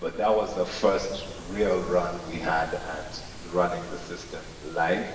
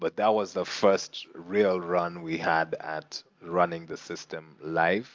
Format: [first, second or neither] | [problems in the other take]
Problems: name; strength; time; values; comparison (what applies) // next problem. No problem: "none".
second | background sound (Ocean); 13 dB below the speech // room echo; dies away in 1.2 s